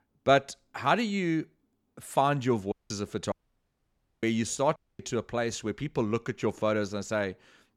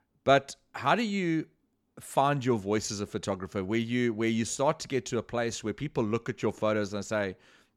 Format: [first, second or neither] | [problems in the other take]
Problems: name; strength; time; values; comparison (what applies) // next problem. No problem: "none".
second | audio cutting out; at 2.5 s, at 3.5 s for 1 s and at 5 s